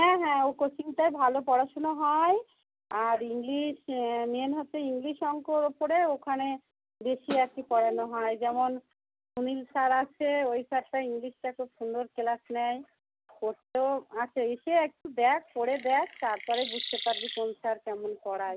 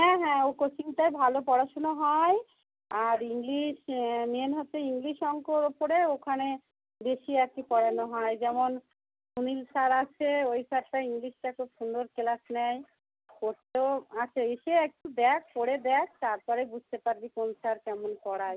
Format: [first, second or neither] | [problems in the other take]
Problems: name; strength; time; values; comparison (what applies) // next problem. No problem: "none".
second | background sound (Snare drum + Chirp, tweet); 10 dB below the speech